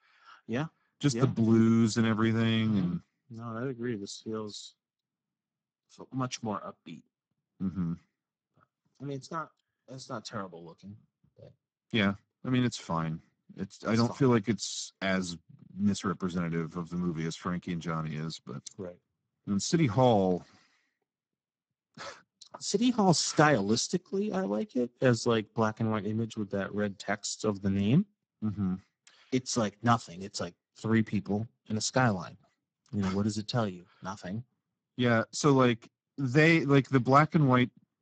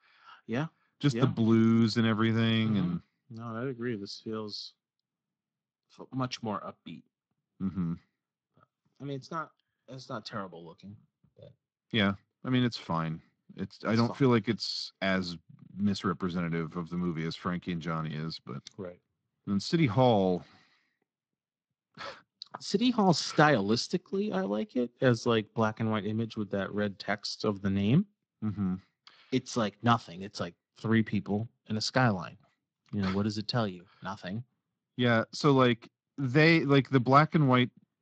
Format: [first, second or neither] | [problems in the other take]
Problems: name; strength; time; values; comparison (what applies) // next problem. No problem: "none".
second | garbled, watery; badly; nothing above 8 kHz; slightly in the second